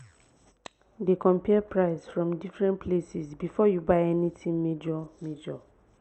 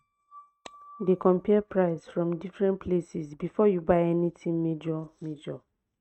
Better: first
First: none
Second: noise reduction (neural mask model RNNoise)

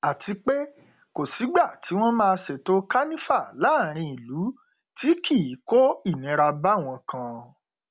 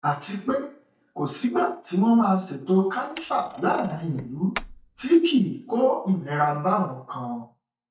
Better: first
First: none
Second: noise reduction (neural mask model DeepFilterNet 3)

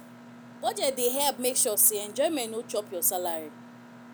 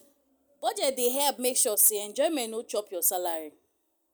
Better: second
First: background sound (Mechanisms); 19 dB below the speech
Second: none

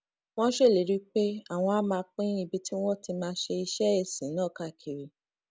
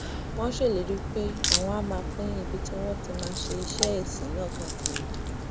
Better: first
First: none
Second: background sound (Crack); 1 dB above the speech

